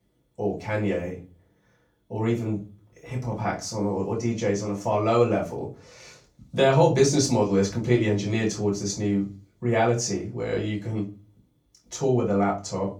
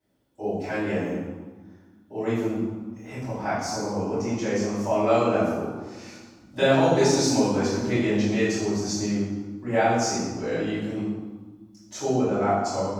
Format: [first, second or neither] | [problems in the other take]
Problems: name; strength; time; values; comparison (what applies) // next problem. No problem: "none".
first | room echo; strong; dies away in 1.1 s; slight in the first // off-mic speech; far; far in the first